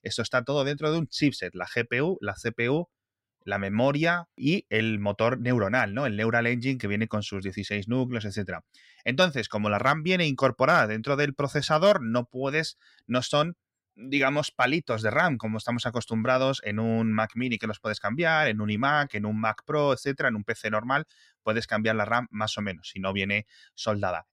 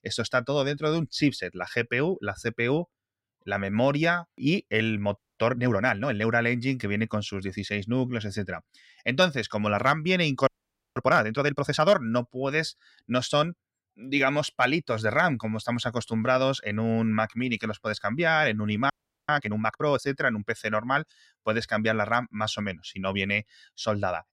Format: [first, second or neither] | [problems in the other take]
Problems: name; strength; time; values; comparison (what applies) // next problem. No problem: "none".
first | audio freezing; at 5 s, at 10 s and at 19 s